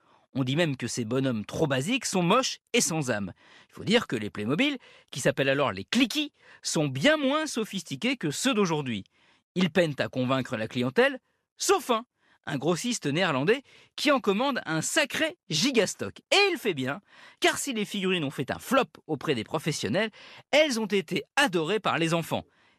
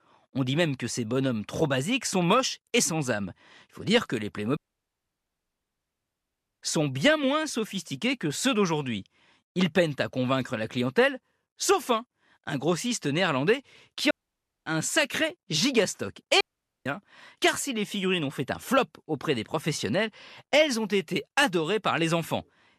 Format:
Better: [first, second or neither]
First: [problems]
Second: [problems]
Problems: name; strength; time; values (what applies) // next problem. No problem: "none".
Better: first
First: none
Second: audio cutting out; at 4.5 s for 2 s, at 14 s for 0.5 s and at 16 s